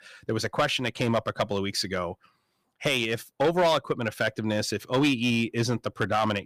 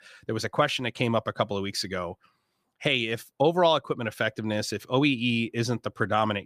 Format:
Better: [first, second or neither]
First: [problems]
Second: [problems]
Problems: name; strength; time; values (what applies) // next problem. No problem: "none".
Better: second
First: distortion; slight; 4% of the sound clipped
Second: none